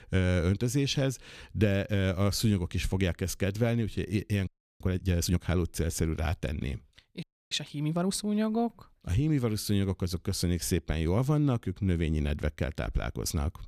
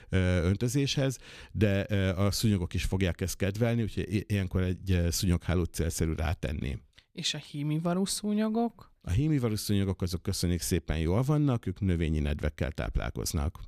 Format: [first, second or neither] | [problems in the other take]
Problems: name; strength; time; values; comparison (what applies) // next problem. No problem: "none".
second | audio freezing; at 4.5 s and at 7 s